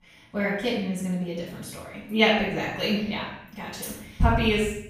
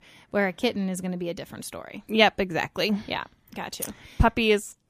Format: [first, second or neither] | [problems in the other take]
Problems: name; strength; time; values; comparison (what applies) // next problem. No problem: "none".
second | off-mic speech; far // room echo; noticeable; dies away in 0.7 s